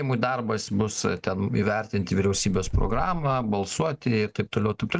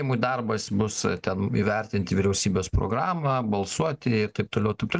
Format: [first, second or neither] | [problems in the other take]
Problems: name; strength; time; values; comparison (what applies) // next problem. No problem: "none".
second | background sound (Bird); 6 dB below the speech